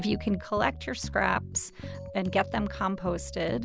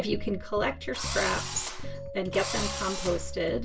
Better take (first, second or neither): first